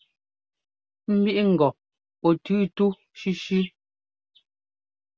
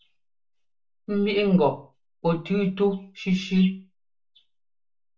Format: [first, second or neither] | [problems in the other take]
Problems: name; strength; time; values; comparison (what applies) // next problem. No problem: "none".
first | room echo; dies away in 0.2 s